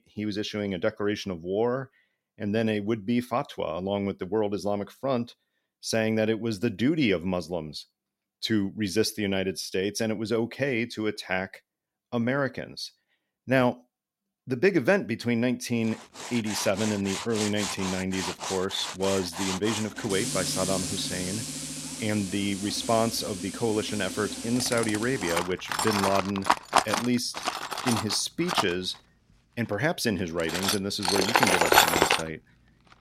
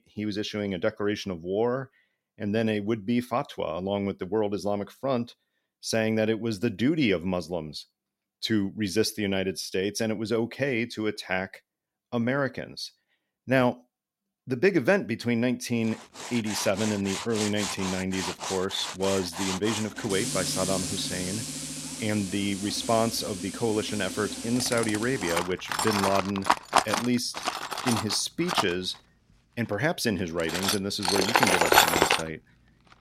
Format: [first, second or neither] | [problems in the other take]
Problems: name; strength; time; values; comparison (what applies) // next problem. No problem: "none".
neither | machinery noise; loud; from 16 s on; as loud as the speech; the same in both